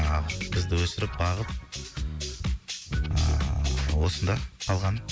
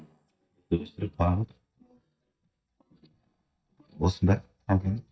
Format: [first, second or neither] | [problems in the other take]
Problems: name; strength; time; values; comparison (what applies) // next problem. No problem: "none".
first | noise reduction (neural mask model DeepFilterNet 3)